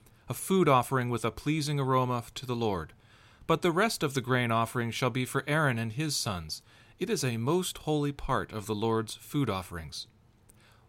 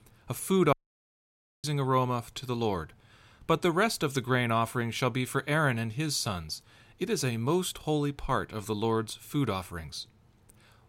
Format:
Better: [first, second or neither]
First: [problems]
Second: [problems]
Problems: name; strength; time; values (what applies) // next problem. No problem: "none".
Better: first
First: none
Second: audio cutting out; at 0.5 s for 1 s